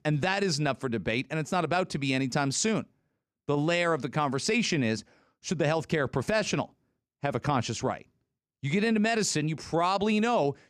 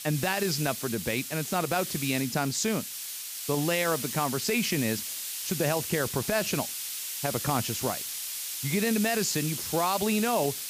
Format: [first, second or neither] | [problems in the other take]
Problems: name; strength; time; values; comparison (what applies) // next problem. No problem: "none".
first | hiss; loud; throughout; 4 dB below the speech